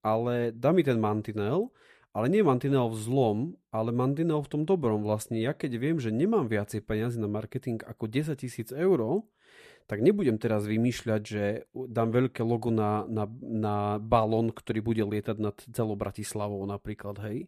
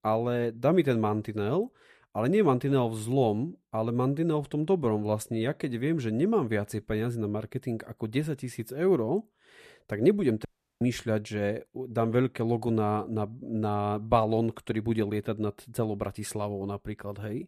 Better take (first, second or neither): first